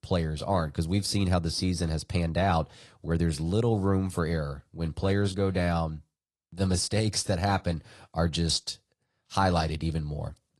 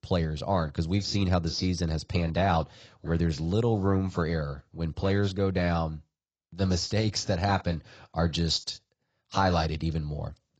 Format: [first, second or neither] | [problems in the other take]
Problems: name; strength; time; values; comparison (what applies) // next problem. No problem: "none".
first | garbled, watery; badly; nothing above 7.5 kHz; slightly in the first